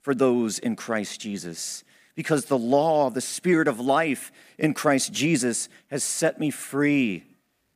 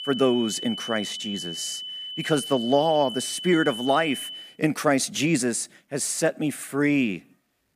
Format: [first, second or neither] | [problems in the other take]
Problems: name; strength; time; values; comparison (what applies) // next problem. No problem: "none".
first | high-pitched whine; loud; until 4.5 s; 3 kHz, 8 dB below the speech